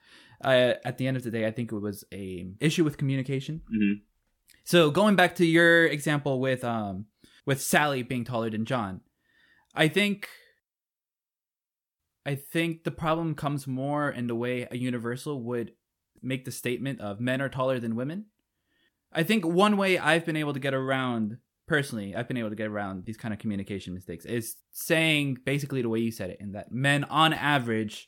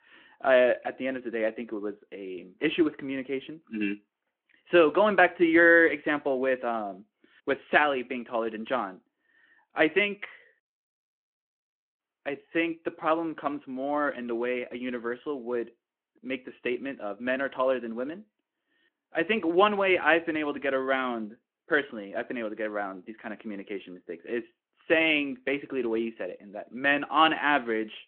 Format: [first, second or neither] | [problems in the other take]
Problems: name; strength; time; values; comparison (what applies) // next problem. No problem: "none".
first | phone-call audio